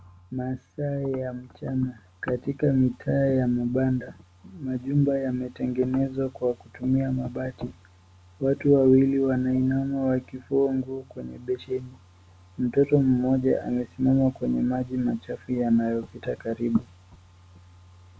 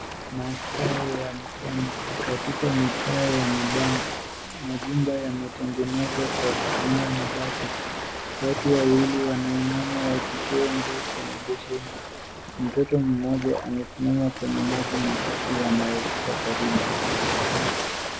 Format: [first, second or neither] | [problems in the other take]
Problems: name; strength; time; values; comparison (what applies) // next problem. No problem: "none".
first | background sound (Ocean); 2 dB below the speech